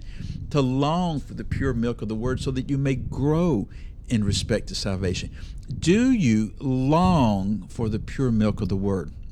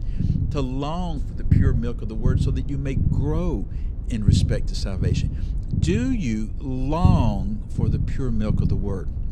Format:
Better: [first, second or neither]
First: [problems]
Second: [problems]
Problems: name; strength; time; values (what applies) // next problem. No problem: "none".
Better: first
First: low rumble; faint; throughout; 20 dB below the speech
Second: low rumble; loud; throughout; 4 dB below the speech